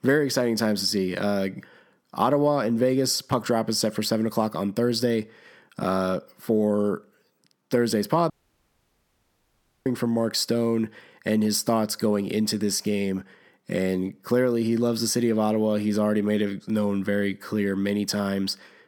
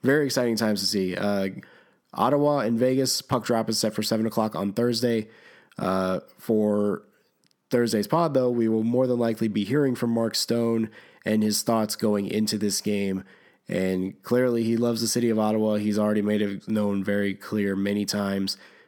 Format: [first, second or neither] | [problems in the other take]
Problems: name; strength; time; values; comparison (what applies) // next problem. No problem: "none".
second | audio cutting out; at 8.5 s for 1.5 s